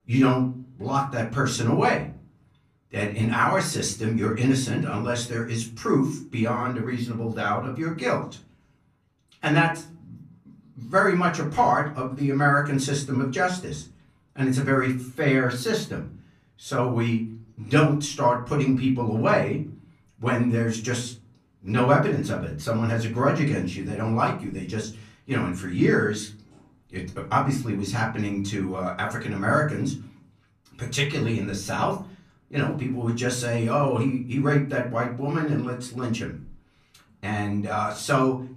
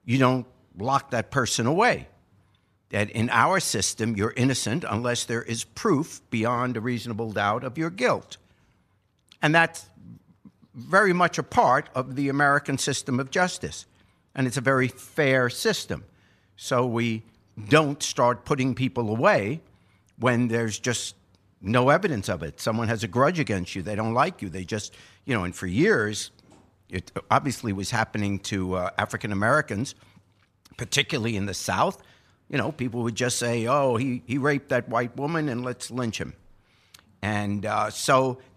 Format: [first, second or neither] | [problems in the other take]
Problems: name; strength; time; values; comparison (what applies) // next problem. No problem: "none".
second | off-mic speech; far // room echo; slight; dies away in 0.4 s